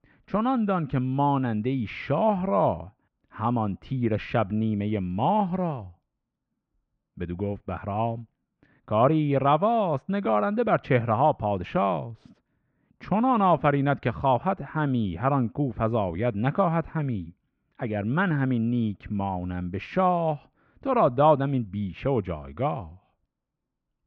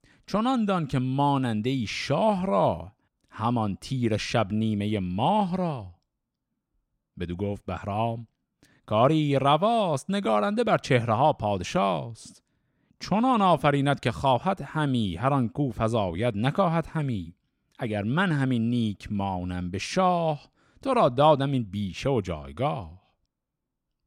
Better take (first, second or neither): second